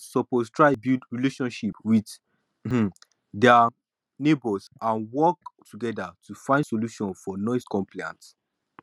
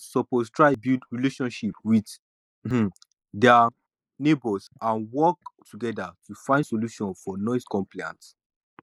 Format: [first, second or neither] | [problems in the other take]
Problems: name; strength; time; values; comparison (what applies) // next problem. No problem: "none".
first | noise reduction (neural mask model Resemble Enhance denoiser)